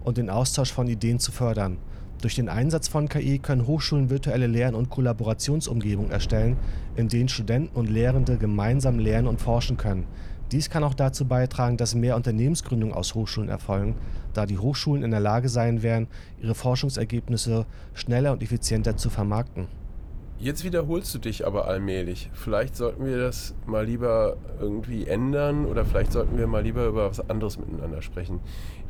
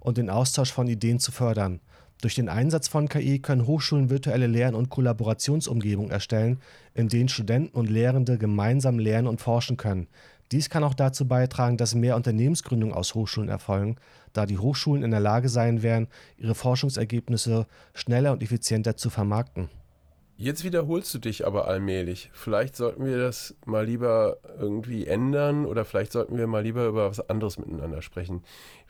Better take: second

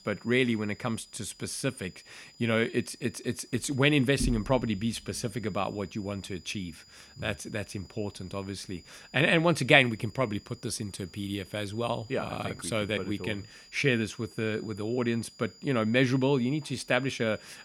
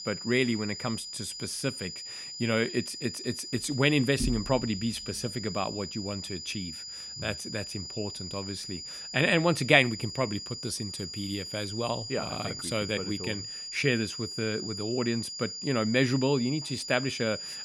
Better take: first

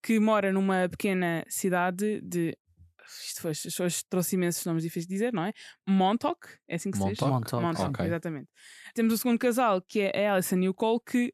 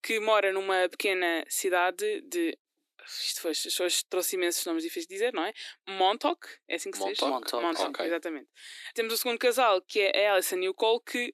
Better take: first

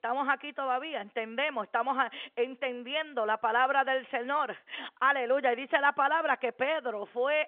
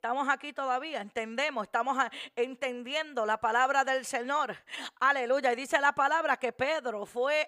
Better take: second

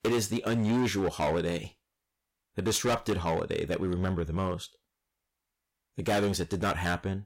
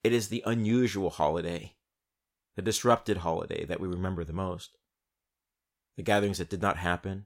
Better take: second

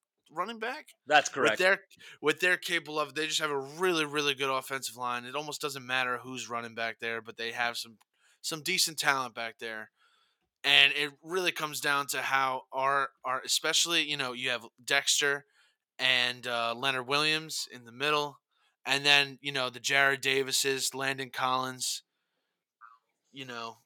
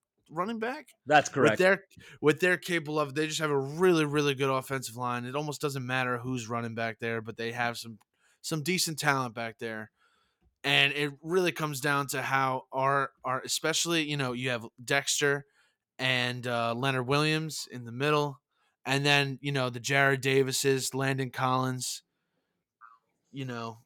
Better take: second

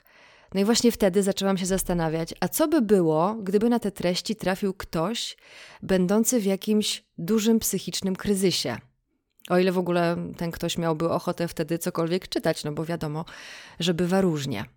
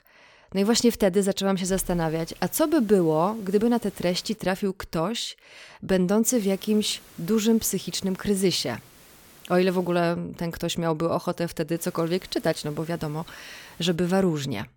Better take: first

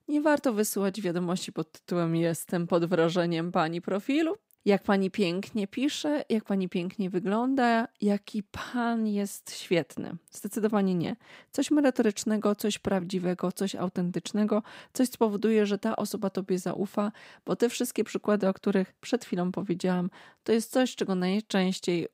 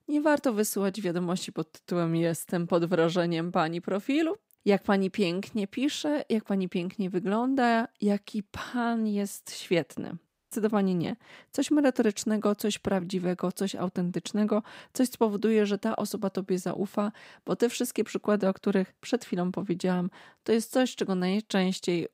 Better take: first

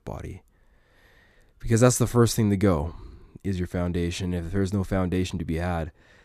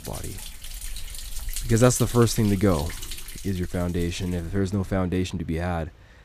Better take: first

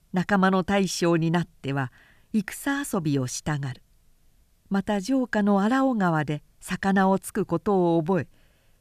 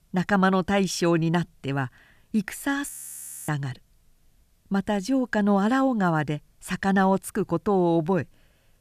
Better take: first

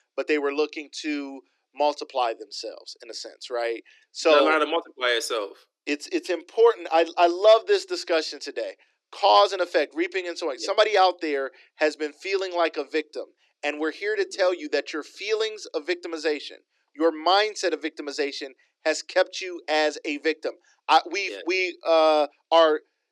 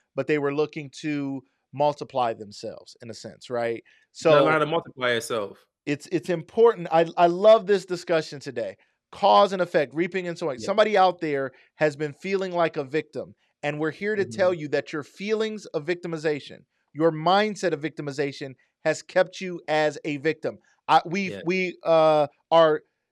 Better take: second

